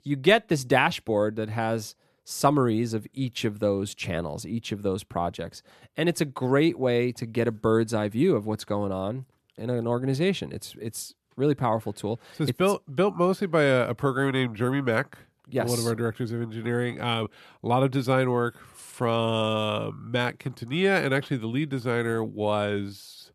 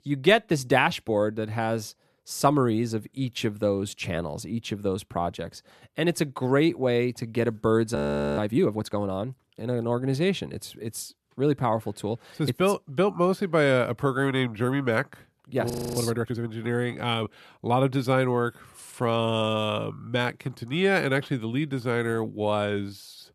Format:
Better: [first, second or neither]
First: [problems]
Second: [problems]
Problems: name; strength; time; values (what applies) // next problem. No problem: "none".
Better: first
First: none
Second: audio freezing; at 8 s and at 16 s